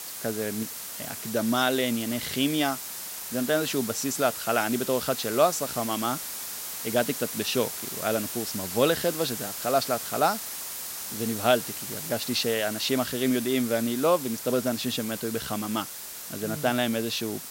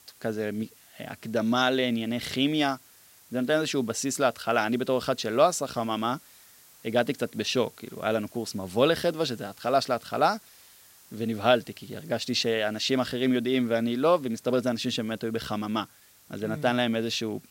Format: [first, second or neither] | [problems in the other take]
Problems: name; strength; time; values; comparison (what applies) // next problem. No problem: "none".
second | hiss; loud; throughout; 6 dB below the speech; faint in the second